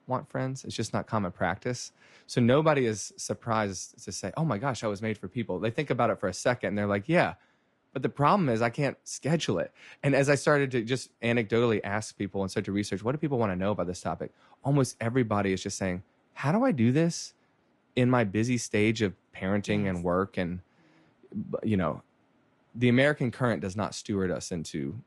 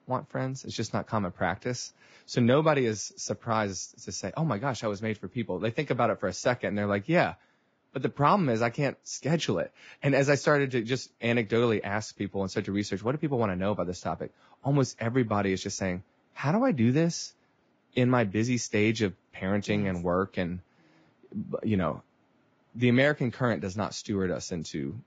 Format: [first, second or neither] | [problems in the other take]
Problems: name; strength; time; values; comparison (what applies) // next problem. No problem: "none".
first | garbled, watery; badly; nothing above 7.5 kHz; slightly in the first